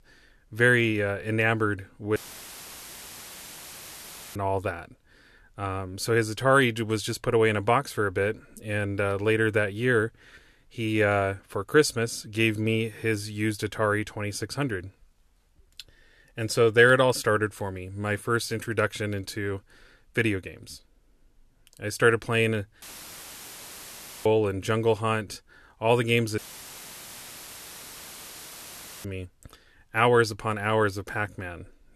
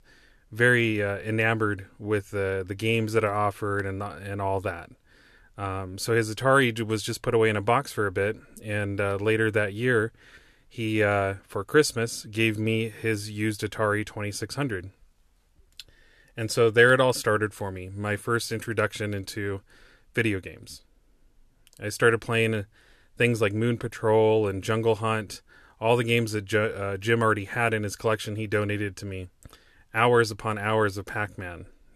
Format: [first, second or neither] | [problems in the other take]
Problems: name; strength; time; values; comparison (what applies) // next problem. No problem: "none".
second | audio cutting out; filled with static; at 2 s for 2 s, at 23 s for 1.5 s and at 26 s for 2.5 s